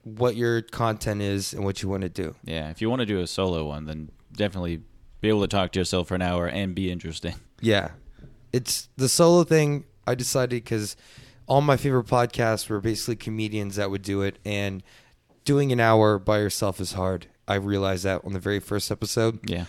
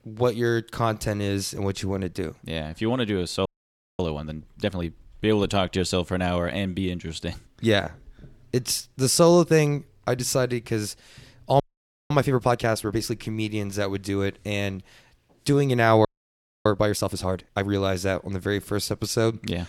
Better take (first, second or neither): first